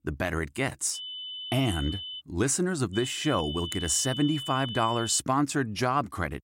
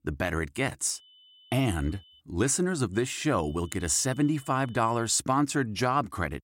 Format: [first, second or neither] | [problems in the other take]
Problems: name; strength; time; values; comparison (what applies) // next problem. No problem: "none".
second | high-pitched whine; loud; from 1 to 2 s and from 3 to 5 s; 3 kHz, 8 dB below the speech; faint in the second